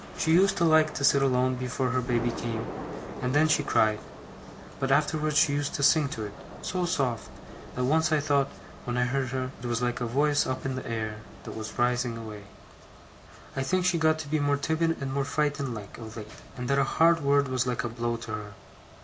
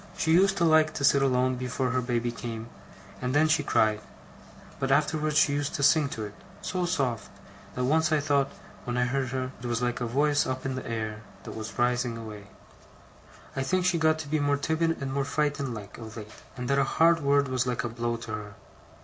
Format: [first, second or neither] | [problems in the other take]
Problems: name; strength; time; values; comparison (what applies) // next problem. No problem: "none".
second | background sound (Thunder / Rain); 16 dB below the speech